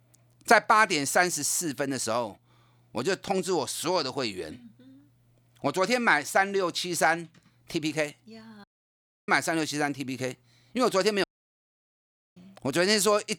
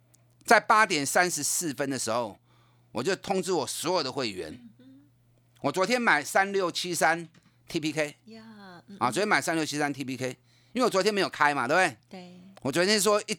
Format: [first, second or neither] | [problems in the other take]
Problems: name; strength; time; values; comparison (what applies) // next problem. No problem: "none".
second | audio cutting out; at 8.5 s for 0.5 s and at 11 s for 1 s